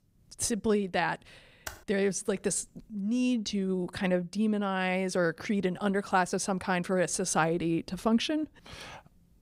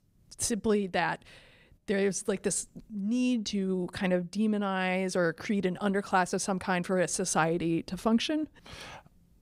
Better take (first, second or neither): second